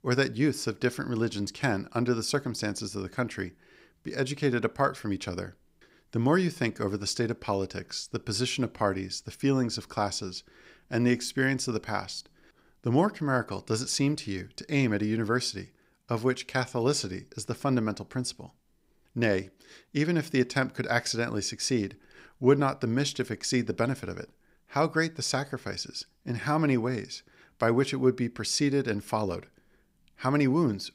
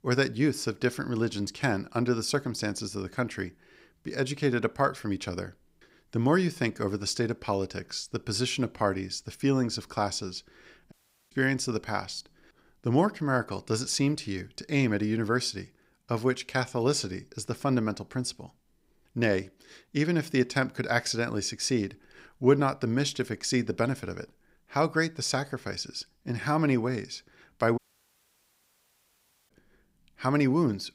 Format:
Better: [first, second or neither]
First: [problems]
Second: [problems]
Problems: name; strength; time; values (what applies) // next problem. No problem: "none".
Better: first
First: none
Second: audio cutting out; at 11 s and at 28 s for 1.5 s